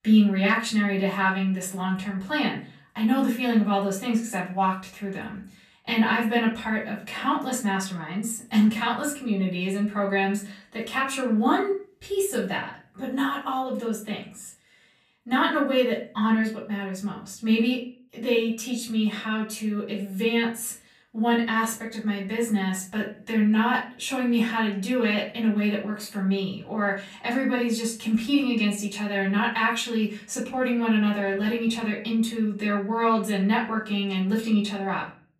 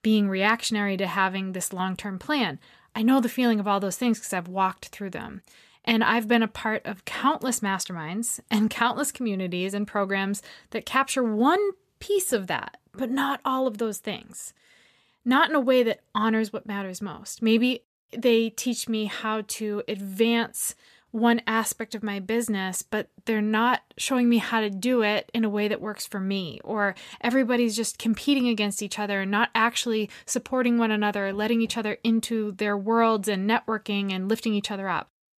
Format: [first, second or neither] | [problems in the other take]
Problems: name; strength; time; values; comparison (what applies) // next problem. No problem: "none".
second | room echo; slight; dies away in 0.4 s // off-mic speech; far